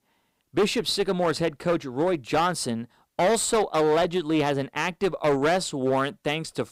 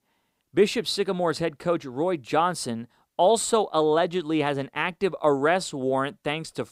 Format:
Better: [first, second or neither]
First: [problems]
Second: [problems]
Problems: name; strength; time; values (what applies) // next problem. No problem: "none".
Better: second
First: distortion; slight; 11% of the sound clipped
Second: none